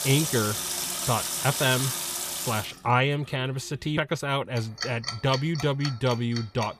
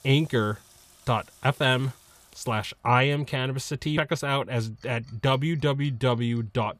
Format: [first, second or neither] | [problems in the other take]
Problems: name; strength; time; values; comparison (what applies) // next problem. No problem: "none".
second | household noises; loud; throughout; 3 dB below the speech; faint in the second